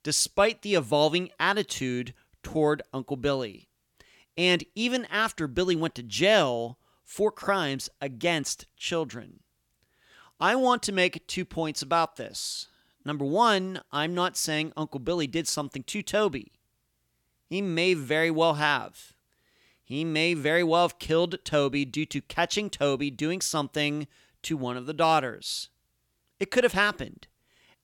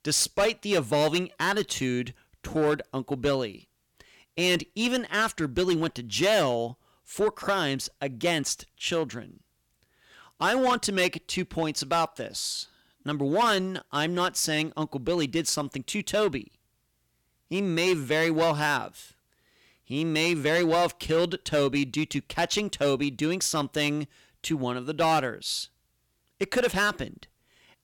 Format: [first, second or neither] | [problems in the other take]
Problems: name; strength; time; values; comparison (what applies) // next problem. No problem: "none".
first | distortion; slight; 5% of the sound clipped